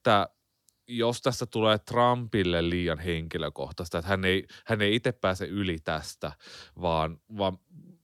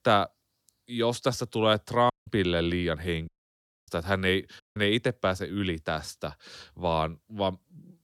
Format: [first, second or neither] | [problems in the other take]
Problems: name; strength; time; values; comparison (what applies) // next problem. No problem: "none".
first | audio cutting out; at 2 s, at 3.5 s for 0.5 s and at 4.5 s